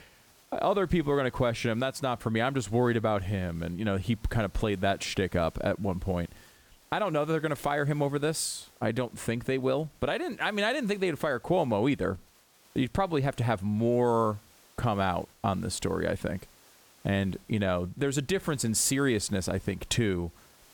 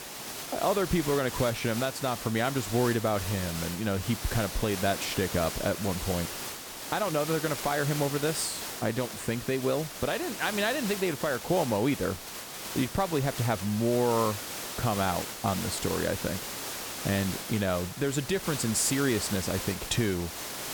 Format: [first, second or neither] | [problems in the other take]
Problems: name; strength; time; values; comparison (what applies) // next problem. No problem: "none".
first | hiss; loud; throughout; 6 dB below the speech; faint in the first